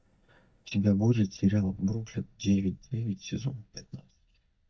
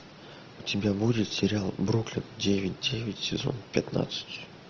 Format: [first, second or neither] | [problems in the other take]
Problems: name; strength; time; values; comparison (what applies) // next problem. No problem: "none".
second | noise reduction (neural mask model DeepFilterNet 3)